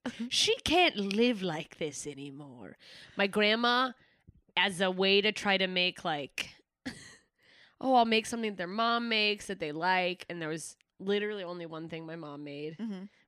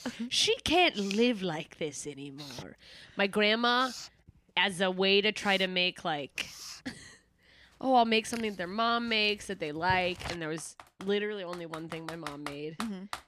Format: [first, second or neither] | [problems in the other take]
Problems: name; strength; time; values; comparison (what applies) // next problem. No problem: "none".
first | household noises; noticeable; throughout; 15 dB below the speech